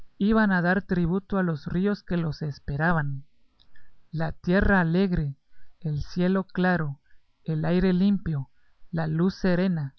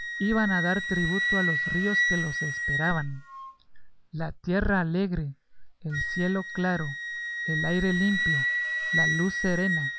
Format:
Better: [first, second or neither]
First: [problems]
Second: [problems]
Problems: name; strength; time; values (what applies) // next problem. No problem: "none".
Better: first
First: none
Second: background sound (Wind instrument, woodwind instrument); 1 dB below the speech